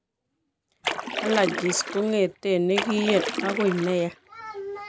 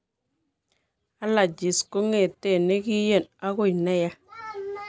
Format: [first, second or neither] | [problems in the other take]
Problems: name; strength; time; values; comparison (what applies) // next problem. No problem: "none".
second | background sound (Splash, splatter); 5 dB below the speech